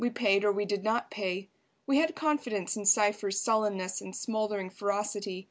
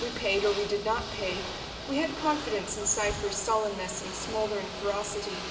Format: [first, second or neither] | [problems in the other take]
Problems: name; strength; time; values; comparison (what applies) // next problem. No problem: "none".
first | background sound (Ocean / Boat, Water vehicle); 7 dB below the speech // room echo; dies away in 2.5 s